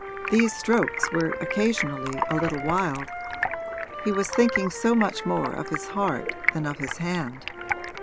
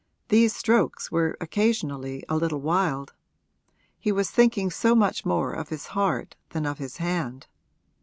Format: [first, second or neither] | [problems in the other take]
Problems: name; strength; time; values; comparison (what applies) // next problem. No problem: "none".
second | background sound (Wind instrument, woodwind instrument + Stream); 4 dB below the speech